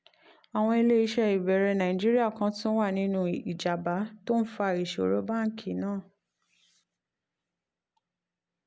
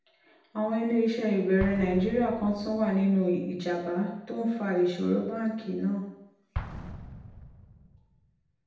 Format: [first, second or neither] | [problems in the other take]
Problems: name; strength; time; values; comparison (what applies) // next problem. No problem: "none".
first | background sound (Explosion); 15 dB below the speech // room echo; dies away in 0.8 s